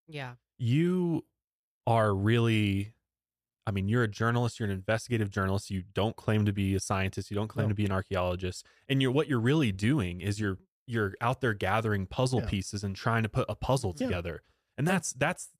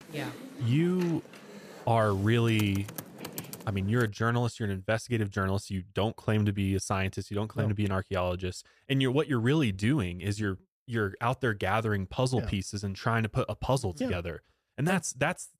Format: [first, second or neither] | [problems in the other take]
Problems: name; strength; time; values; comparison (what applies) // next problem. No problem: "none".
first | keyboard typing; noticeable; until 4 s; peak 10 dB below the speech